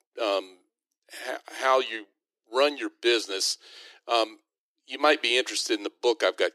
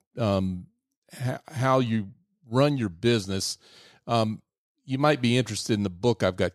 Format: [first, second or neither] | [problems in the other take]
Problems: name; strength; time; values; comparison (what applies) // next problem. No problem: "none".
second | thin; very; fading below 300 Hz